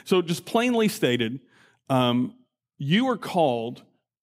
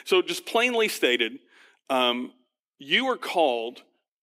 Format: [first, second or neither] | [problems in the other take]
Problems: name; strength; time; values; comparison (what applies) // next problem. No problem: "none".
first | thin; somewhat; fading below 300 Hz